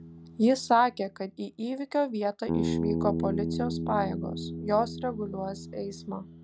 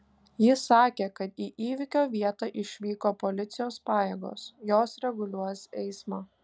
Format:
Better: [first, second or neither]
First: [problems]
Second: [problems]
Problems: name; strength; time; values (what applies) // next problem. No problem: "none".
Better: second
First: background sound (Bass guitar); 4 dB below the speech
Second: none